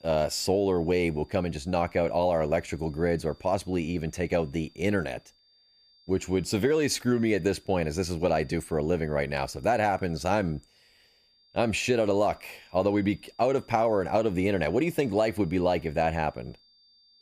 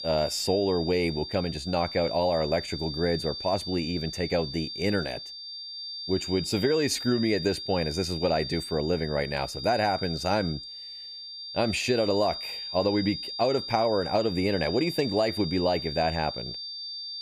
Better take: first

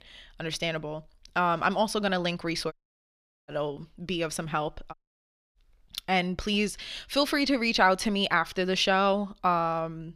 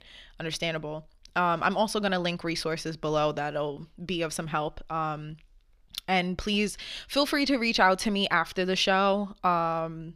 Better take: second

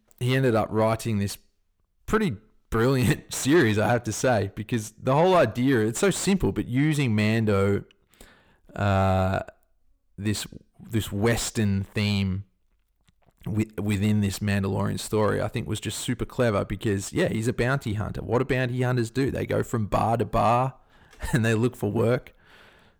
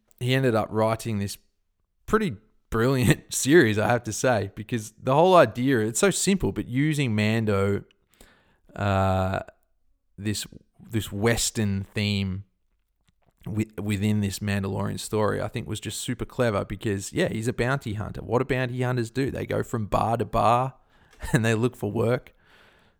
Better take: second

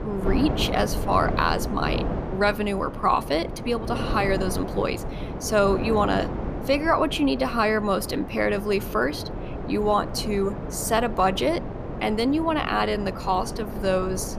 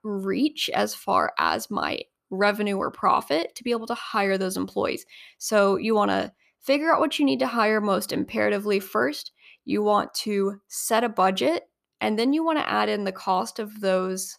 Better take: second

